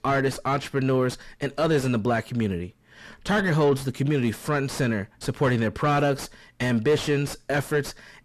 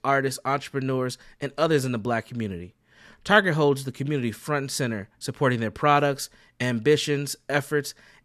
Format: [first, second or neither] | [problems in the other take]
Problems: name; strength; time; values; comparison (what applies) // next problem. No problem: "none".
second | distortion; heavy; 6 dB below the speech